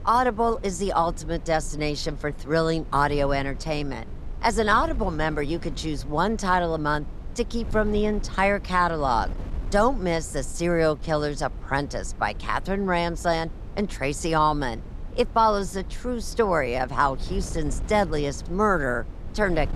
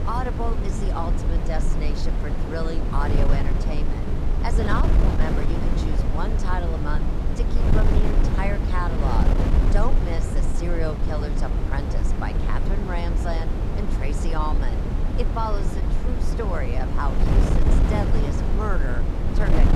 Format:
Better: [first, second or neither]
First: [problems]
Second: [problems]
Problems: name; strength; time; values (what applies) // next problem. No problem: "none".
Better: first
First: wind noise on the microphone; occasional gusts; 25 dB below the speech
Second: wind noise on the microphone; heavy; 2 dB below the speech